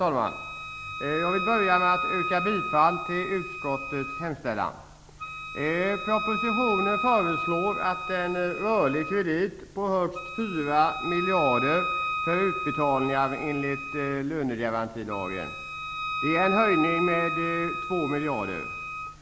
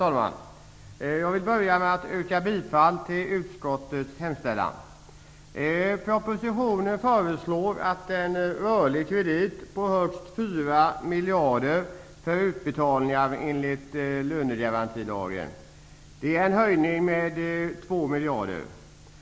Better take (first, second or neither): second